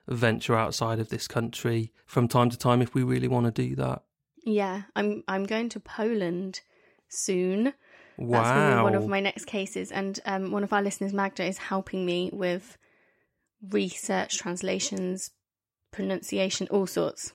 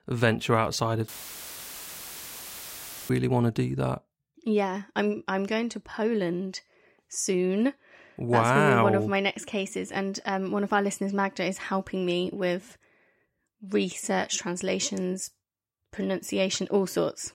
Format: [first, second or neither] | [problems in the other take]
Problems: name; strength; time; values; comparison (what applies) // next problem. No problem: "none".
first | audio cutting out; filled with static; at 1 s for 2 s